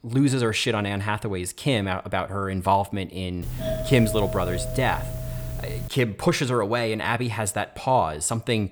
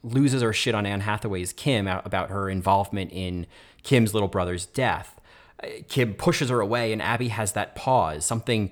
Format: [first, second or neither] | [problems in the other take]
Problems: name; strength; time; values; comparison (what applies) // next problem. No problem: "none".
second | doorbell; noticeable; from 3.5 to 6 s; peak 4 dB below the speech